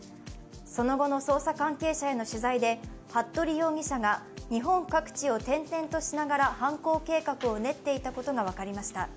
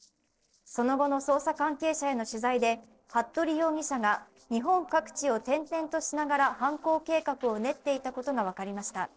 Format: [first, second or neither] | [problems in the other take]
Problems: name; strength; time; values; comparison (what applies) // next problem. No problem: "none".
first | noise reduction (neural separator model SepFormer DNS4)